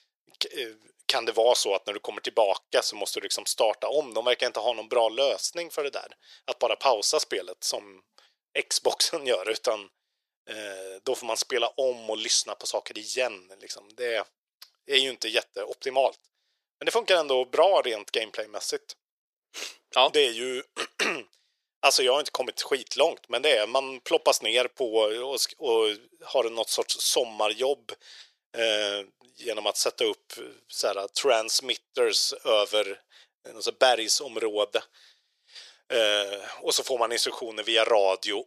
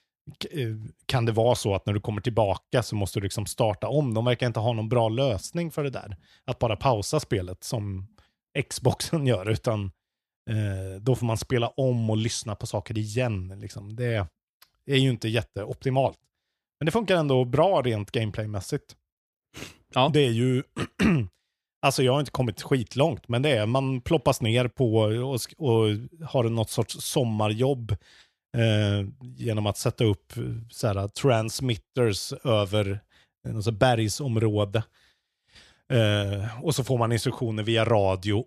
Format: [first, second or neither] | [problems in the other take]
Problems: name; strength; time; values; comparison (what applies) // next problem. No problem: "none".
second | thin; very; fading below 450 Hz